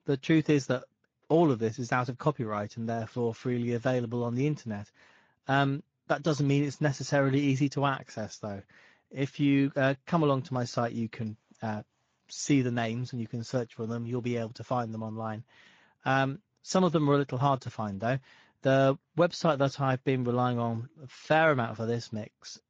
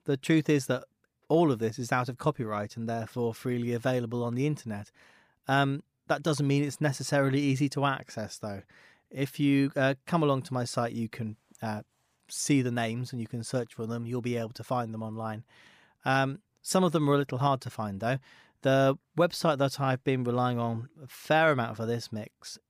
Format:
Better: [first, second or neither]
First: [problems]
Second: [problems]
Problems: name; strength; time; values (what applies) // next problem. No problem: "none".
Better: second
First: garbled, watery; slightly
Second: none